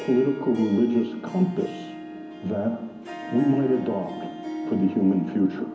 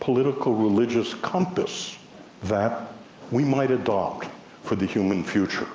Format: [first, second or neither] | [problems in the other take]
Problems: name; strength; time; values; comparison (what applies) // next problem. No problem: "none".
second | background sound (Harp); 11 dB below the speech // room echo; dies away in 0.4 s